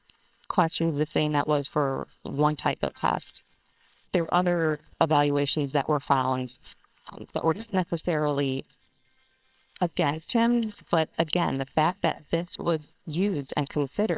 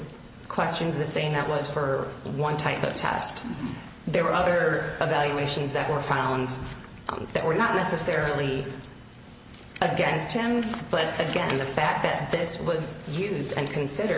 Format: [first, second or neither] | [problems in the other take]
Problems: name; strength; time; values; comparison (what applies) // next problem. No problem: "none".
second | noise reduction (neural separator model SepFormer WHAMR!)